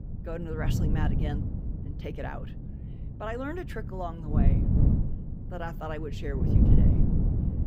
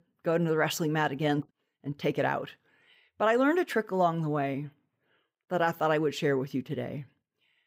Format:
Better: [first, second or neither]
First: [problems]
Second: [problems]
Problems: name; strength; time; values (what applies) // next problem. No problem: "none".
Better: second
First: wind noise on the microphone; heavy; 1 dB below the speech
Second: none